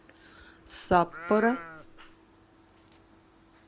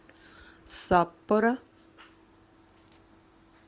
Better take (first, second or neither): second